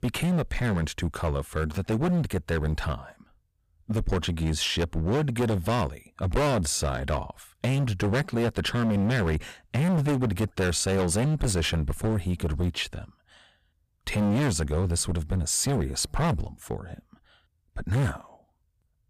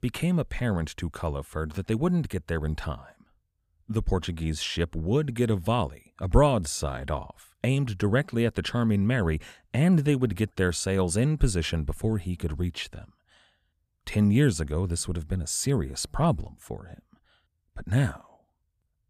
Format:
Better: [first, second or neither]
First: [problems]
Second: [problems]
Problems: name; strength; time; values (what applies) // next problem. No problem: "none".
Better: second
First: distortion; heavy; 17% of the sound clipped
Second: none